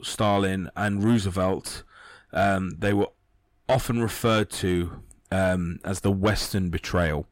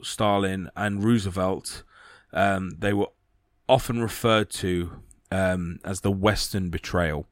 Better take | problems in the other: second | distortion; slight; 10 dB below the speech

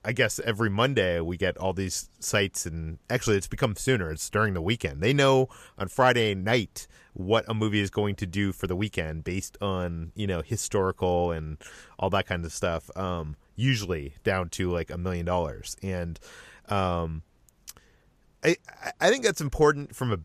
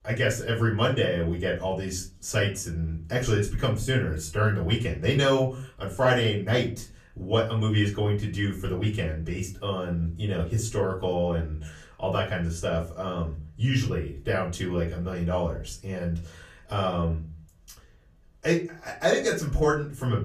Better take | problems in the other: first | off-mic speech; far // room echo; slight; dies away in 0.4 s

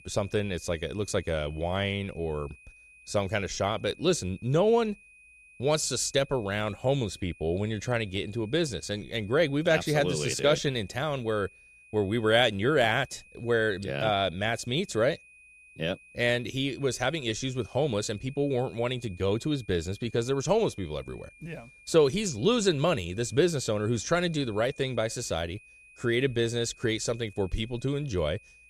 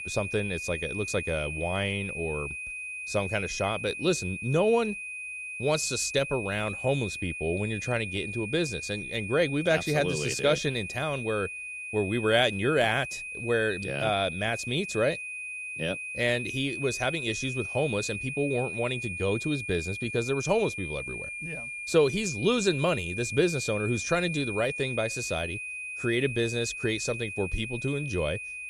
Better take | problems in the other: first | high-pitched whine; loud; throughout; 2.5 kHz, 6 dB below the speech; faint in the first

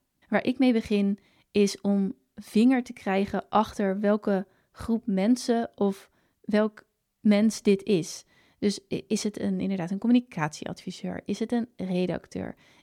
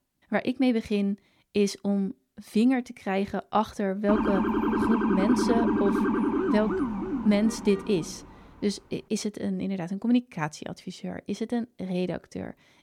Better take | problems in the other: first | siren; loud; from 4 to 8 s; peak 3 dB above the speech

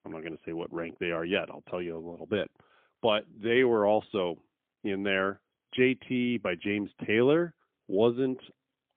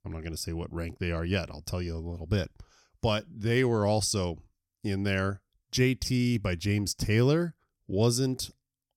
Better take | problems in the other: second | phone-call audio; poor line; nothing above 3.5 kHz

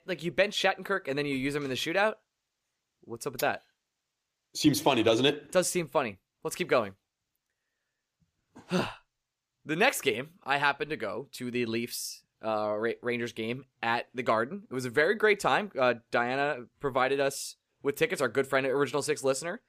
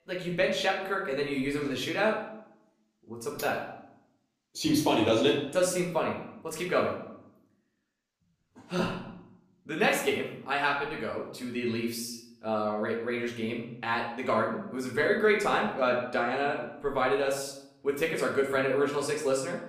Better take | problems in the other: first | room echo; noticeable; dies away in 0.7 s // off-mic speech; far

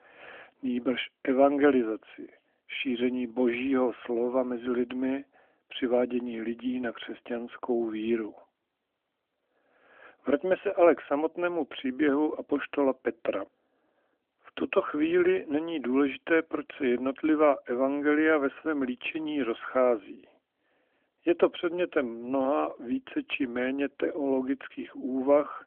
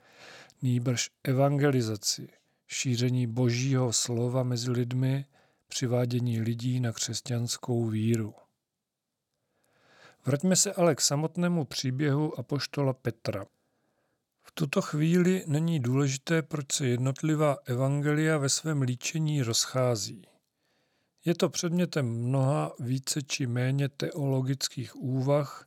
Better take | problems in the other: second | phone-call audio; nothing above 3.5 kHz

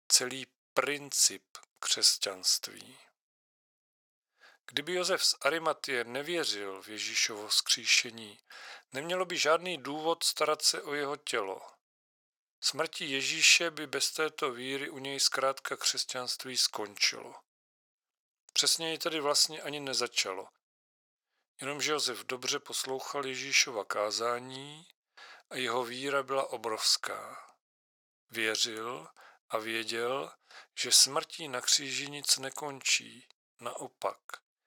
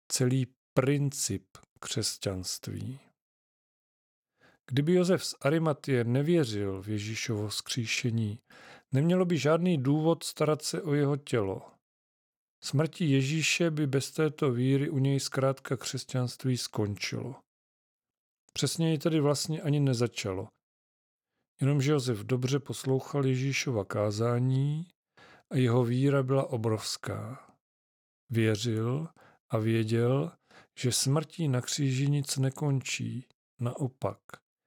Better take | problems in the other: second | thin; very; fading below 800 Hz

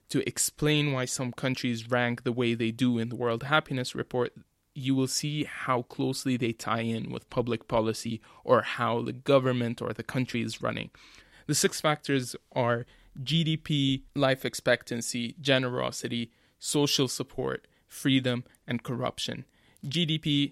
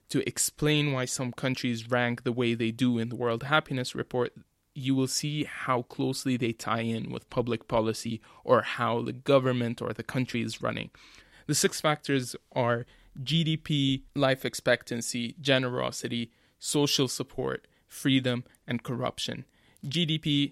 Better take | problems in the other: neither | none

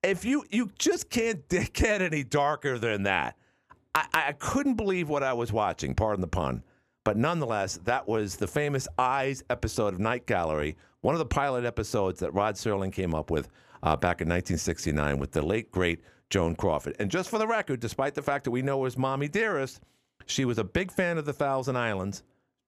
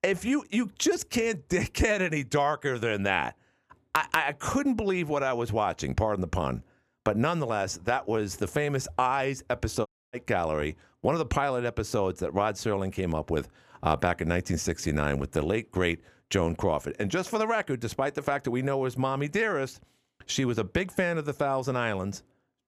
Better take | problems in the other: first | audio cutting out; at 10 s

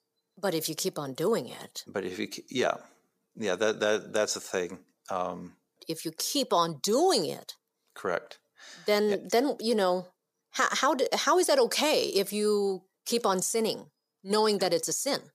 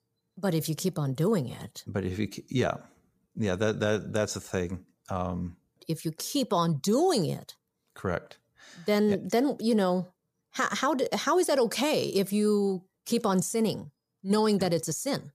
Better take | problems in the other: second | thin; somewhat; fading below 350 Hz

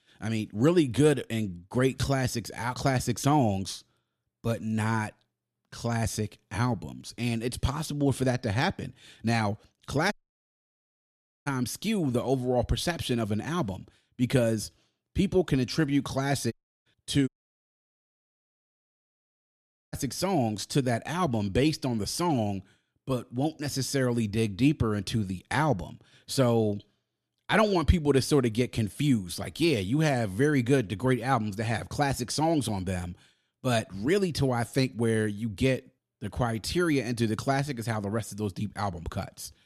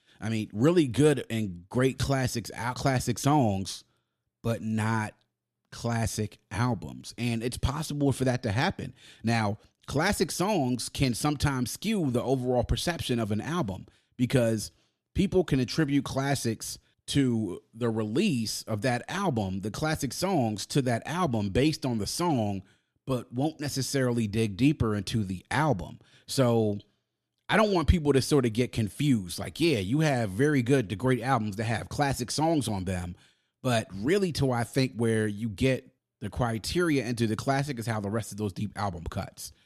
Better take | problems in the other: second | audio cutting out; at 10 s for 1.5 s and at 17 s for 2.5 s

